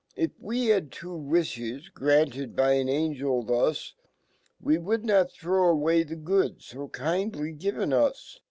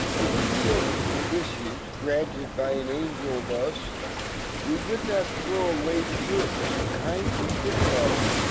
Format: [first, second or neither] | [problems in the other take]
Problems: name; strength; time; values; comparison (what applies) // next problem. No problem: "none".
first | background sound (Waves, surf); 2 dB above the speech